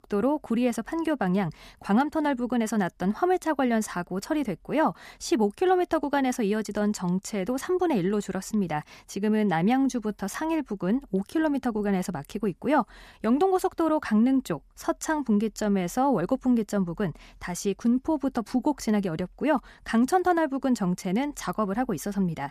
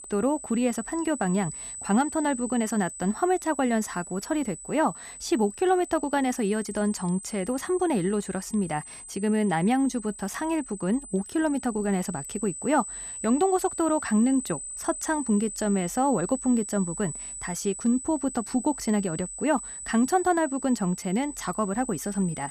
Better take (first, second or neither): first